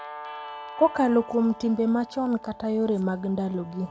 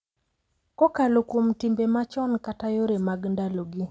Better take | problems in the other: second | background sound (Guitar); 16 dB below the speech

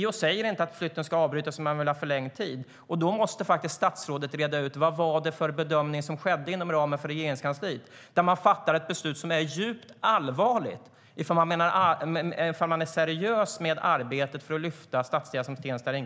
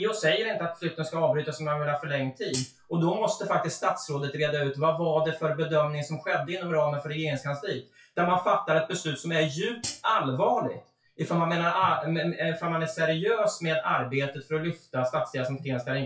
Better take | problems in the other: first | noise reduction (classical method WPE with log-MMSE)

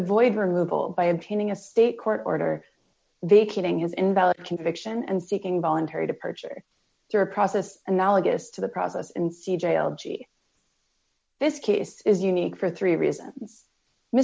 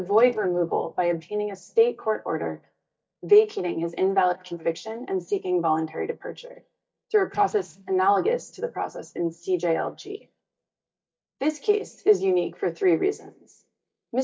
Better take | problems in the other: first | noise reduction (neural mask model DeepFilterNet 3)

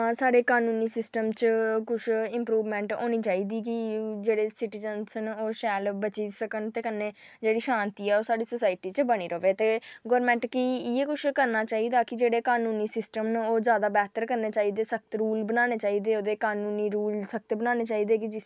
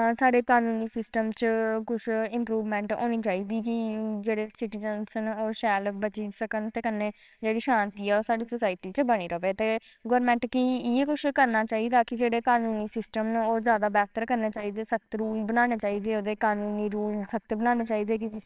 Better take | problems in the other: first | noise reduction (neural separator model SepFormer WHAMR!)

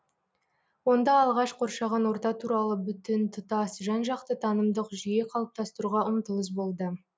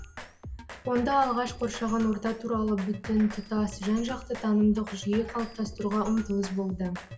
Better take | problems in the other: first | background sound (Drum kit); 14 dB below the speech // room echo; dies away in 0.7 s

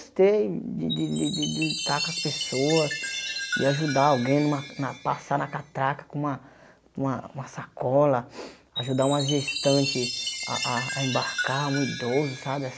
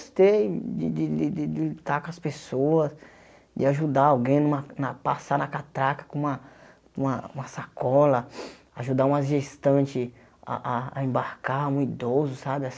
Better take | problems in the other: second | background sound (Chime); 7 dB below the speech

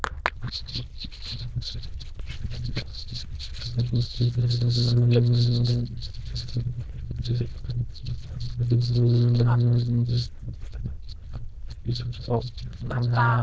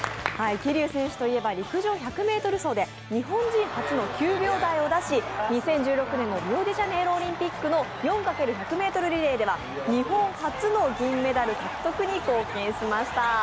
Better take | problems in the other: second | noise reduction (neural diffusion model UNIVERSE++)

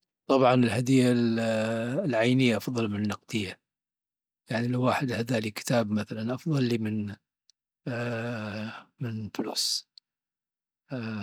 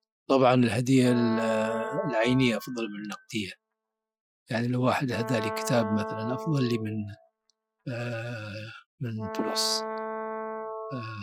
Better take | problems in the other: first | noise reduction (classical method Wiener filter)

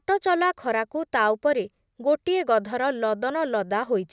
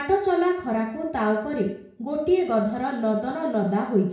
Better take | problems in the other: first | room echo; dies away in 0.6 s

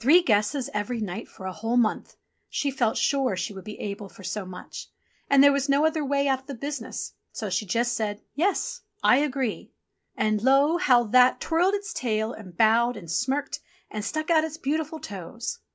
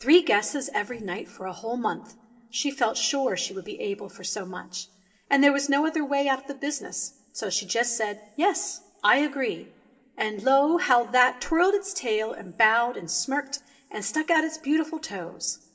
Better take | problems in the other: first | room echo; dies away in 1.1 s

